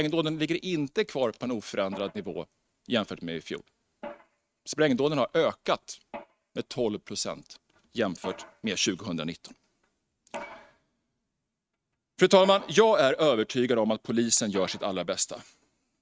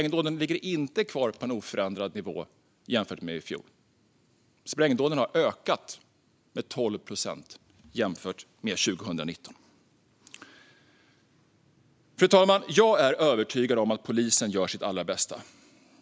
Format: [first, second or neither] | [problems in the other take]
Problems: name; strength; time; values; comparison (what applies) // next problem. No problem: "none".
second | noise reduction (neural mask model RNNoise)